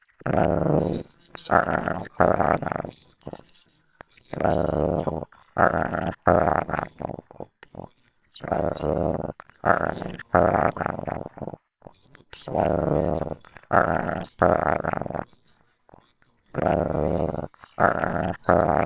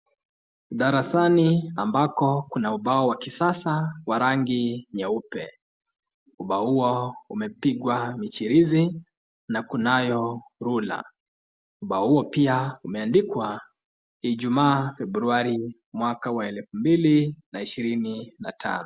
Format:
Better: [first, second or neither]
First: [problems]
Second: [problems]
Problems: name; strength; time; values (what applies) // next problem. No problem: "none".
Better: second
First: noise reduction (neural separator model SepFormer WHAMR!)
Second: none